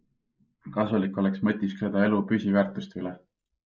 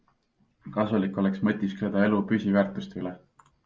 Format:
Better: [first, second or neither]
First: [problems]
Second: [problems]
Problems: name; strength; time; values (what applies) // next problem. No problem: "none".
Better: second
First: noise reduction (neural mask model Resemble Enhance denoiser)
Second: none